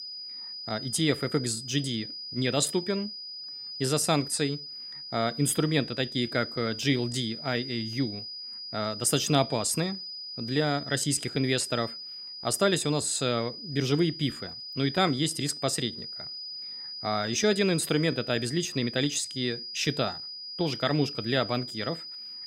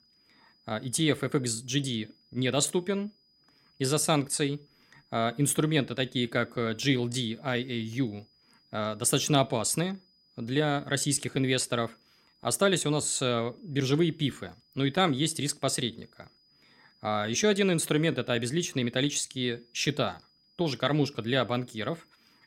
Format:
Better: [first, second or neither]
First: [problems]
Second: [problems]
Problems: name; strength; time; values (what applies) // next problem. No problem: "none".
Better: second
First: high-pitched whine; loud; throughout; 5 kHz, 9 dB below the speech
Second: high-pitched whine; faint; throughout; 5 kHz, 35 dB below the speech